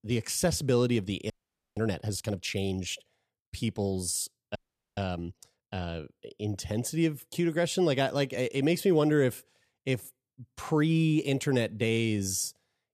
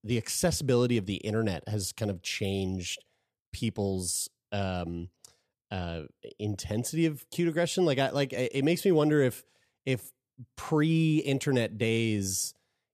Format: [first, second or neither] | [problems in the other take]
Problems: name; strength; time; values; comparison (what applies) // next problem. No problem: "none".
second | audio freezing; at 1.5 s and at 4.5 s